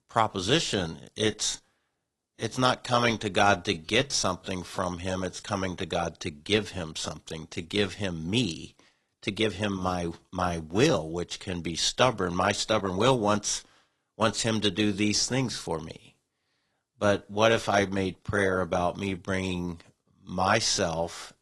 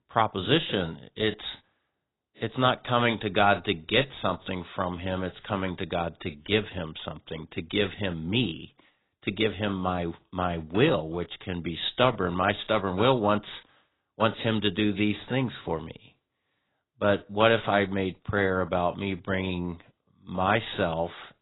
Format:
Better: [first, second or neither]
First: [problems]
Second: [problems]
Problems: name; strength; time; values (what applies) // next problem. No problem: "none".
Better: first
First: garbled, watery; slightly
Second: garbled, watery; badly; nothing above 4 kHz